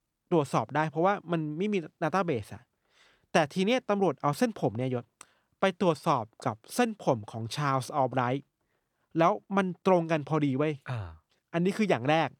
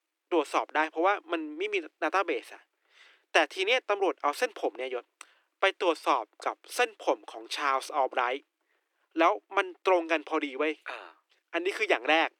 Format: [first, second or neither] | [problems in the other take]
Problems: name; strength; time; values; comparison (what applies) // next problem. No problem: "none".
first | thin; very; fading below 300 Hz